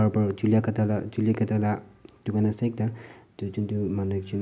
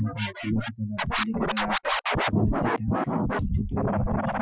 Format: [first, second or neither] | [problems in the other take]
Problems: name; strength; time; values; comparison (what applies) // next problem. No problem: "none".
first | noise reduction (classical method Wiener filter)